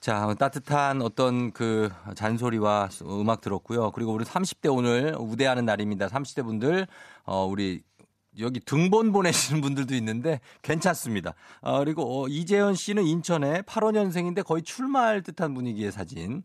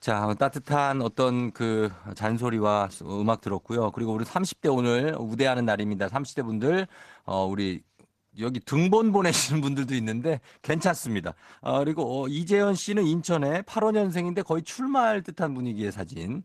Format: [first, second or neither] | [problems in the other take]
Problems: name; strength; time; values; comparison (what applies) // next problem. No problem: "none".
first | garbled, watery; slightly; nothing above 14.5 kHz